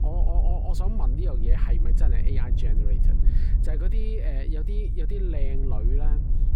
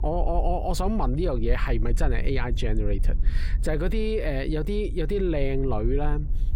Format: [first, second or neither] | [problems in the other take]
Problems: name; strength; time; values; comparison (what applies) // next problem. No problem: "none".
second | low rumble; loud; throughout; 5 dB below the speech; faint in the second